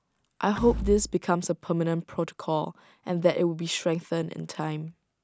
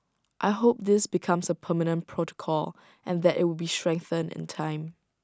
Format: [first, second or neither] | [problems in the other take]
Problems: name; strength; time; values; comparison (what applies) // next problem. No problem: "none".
second | background sound (Door / Wood); 9 dB below the speech